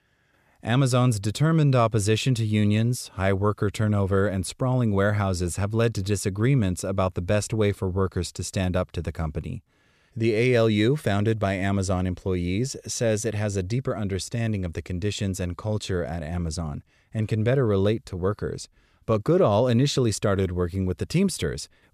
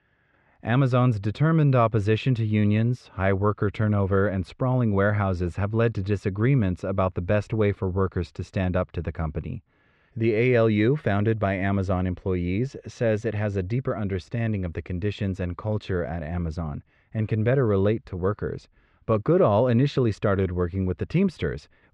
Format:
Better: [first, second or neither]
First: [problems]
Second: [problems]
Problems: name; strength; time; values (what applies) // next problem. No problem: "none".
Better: first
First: none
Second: muffled; very; fading above 2 kHz